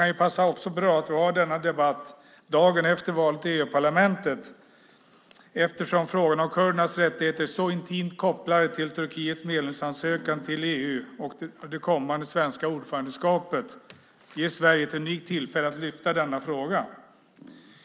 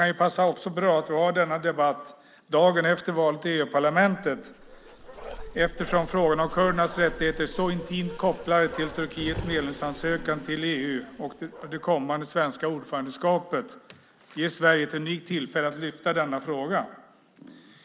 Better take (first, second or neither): first